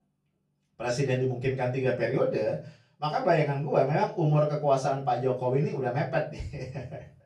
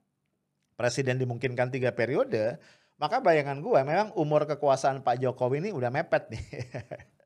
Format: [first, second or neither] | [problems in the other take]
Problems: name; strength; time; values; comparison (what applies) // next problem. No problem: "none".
second | off-mic speech; far // room echo; slight; dies away in 0.3 s